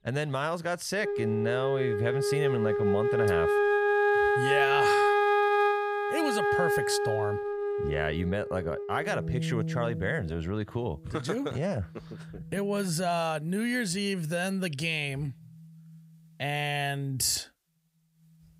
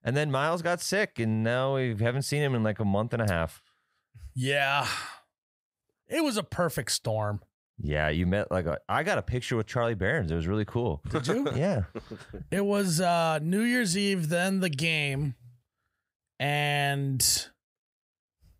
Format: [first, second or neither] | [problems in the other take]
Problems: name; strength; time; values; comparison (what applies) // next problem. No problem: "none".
second | background music; very loud; throughout; 3 dB above the speech